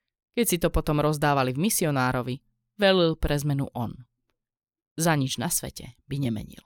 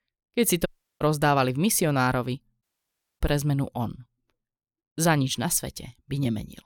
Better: first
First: none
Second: audio cutting out; at 0.5 s and at 2.5 s for 0.5 s

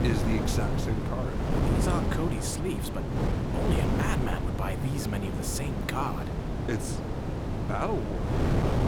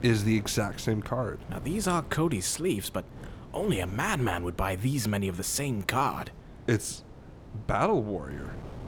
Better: second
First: wind noise on the microphone; heavy; as loud as the speech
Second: wind noise on the microphone; occasional gusts; 20 dB below the speech

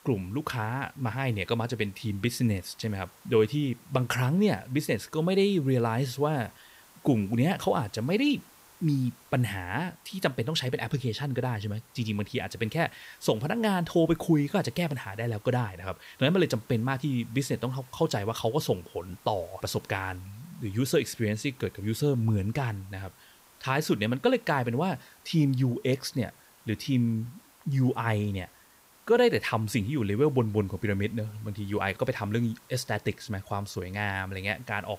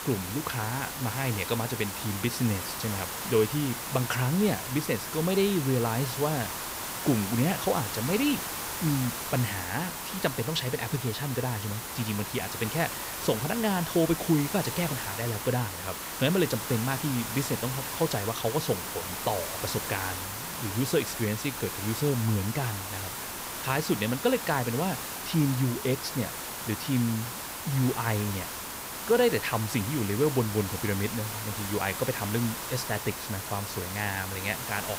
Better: first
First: hiss; faint; throughout; 25 dB below the speech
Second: hiss; loud; throughout; 4 dB below the speech

